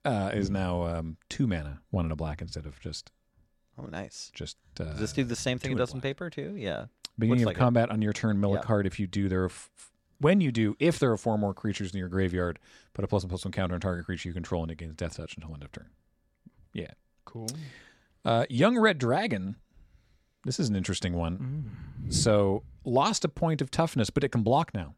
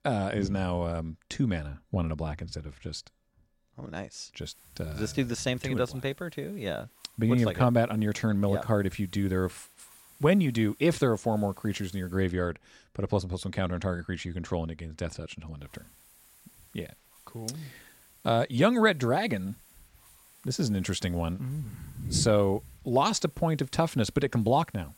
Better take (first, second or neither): first